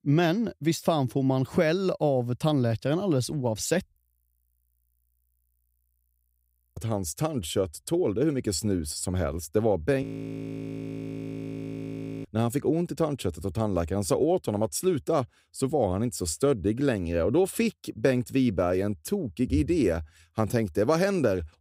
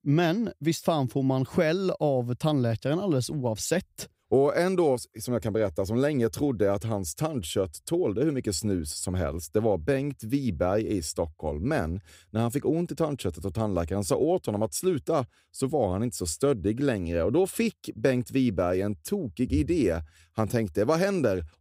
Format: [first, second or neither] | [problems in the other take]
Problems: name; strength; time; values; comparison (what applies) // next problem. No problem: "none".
second | audio freezing; at 4 s for 3 s and at 10 s for 2 s